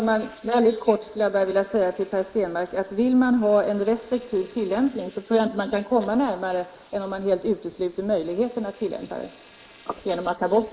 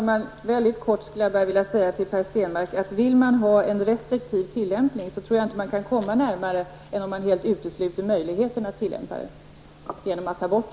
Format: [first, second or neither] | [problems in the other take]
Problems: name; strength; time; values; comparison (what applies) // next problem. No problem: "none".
second | noise reduction (neural mask model Resemble Enhance denoiser)